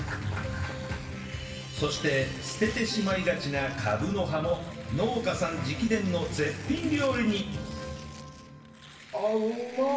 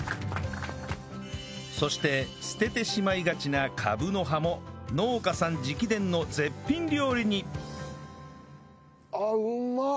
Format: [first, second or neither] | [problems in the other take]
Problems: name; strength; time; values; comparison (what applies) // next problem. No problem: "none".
second | background sound (Tearing); 18 dB below the speech // room echo; dies away in 1 s